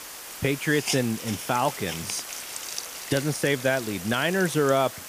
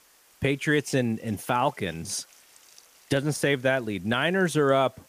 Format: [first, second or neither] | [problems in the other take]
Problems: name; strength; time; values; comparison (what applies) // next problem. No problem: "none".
second | hiss; loud; throughout; 8 dB below the speech; faint in the second